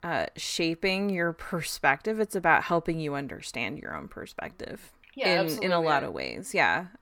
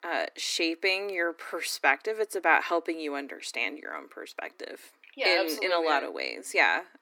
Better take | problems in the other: first | thin; somewhat; fading below 300 Hz

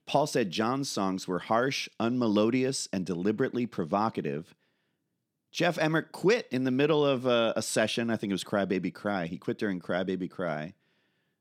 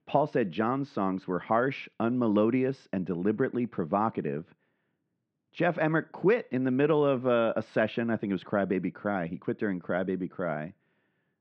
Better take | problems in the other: first | muffled; very; fading above 2 kHz

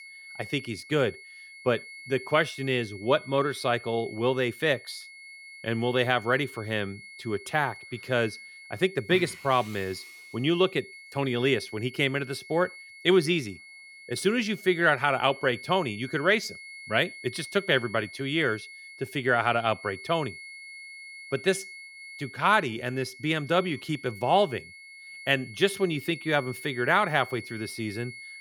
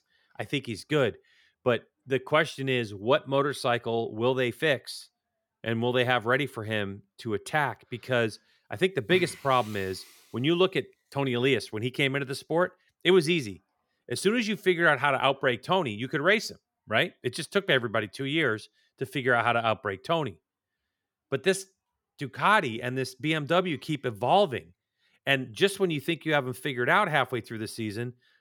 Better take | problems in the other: second | high-pitched whine; noticeable; throughout; 2 kHz, 15 dB below the speech

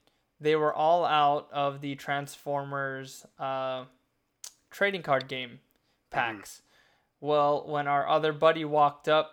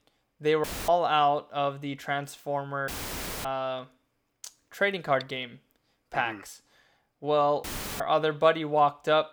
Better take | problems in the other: first | audio cutting out; filled with static; at 0.5 s, at 3 s for 0.5 s and at 7.5 s

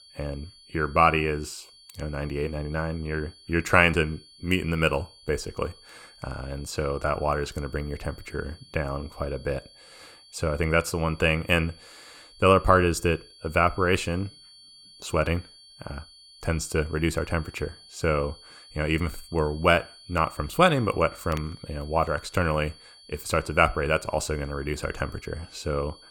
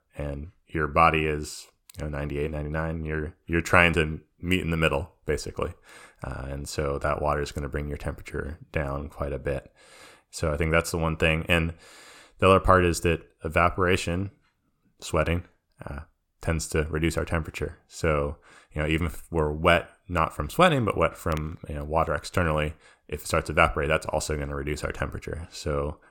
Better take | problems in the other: second | high-pitched whine; faint; throughout; 4.5 kHz, 25 dB below the speech

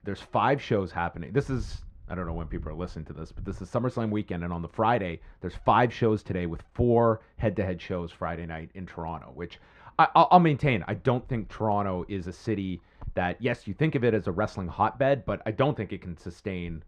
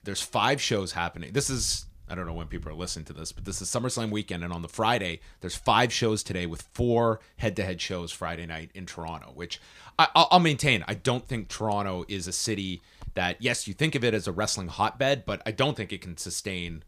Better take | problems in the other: second | muffled; very; fading above 3.5 kHz

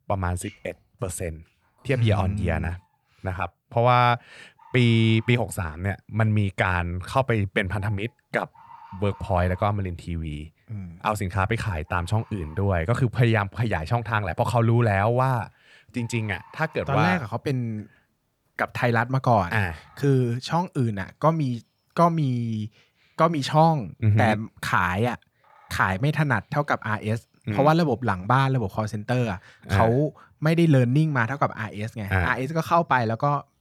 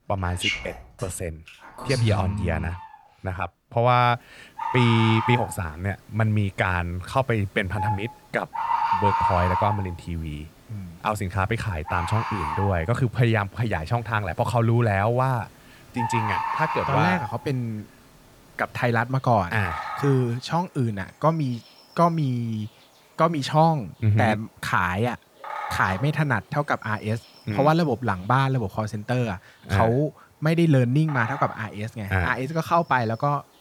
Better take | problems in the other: first | animal sounds; loud; throughout; 4 dB below the speech; faint in the first

